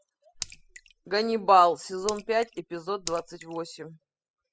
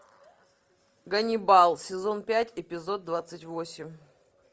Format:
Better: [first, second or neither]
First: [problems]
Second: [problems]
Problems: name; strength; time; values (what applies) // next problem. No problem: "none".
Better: second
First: noise reduction (classical method spectral subtraction)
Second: none